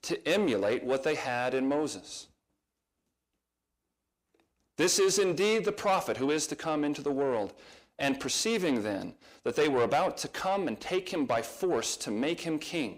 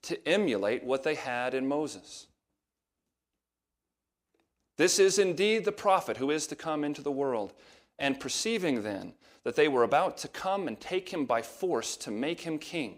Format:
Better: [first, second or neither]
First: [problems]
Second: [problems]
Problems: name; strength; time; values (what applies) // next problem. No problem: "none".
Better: second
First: distortion; slight; 10 dB below the speech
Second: none